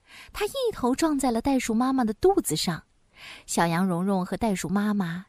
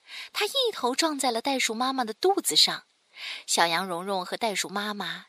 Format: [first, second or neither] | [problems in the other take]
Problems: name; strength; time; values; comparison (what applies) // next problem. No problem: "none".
first | thin; somewhat; fading below 450 Hz